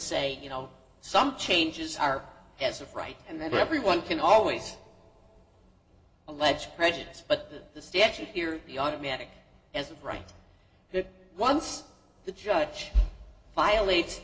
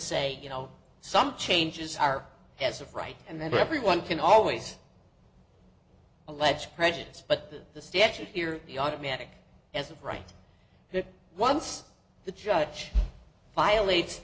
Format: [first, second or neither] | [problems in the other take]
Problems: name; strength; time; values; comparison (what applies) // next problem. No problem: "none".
second | room echo; dies away in 0.4 s